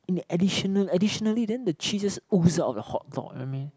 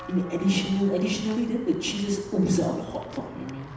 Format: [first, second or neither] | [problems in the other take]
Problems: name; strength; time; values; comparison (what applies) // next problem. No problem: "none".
first | background sound (Walk, footsteps / Bell); 17 dB below the speech // room echo; dies away in 0.8 s